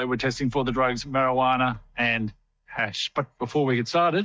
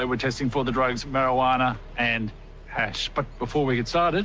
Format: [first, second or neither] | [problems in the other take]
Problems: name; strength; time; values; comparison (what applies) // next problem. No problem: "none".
second | noise reduction (neural mask model DeepFilterNet 3)